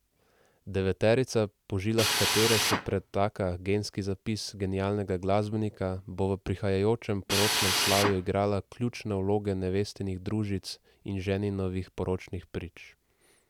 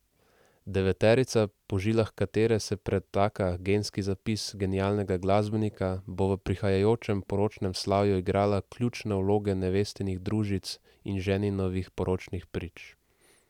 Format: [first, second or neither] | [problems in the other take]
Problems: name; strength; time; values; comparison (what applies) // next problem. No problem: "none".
second | background sound (Drill); as loud as the speech